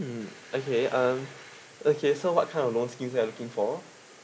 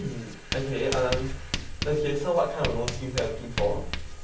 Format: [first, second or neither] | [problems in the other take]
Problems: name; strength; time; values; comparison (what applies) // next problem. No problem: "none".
first | background sound (Writing); 4 dB below the speech // room echo; dies away in 0.3 s